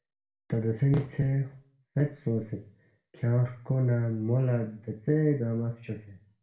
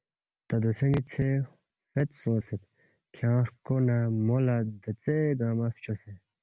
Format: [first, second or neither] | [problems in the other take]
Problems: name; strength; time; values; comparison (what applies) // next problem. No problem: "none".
second | room echo; dies away in 0.4 s